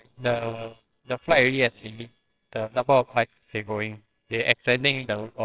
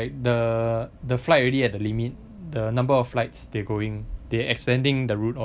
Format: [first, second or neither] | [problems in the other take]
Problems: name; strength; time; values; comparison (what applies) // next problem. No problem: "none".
second | noise reduction (neural separator model SepFormer WHAMR!)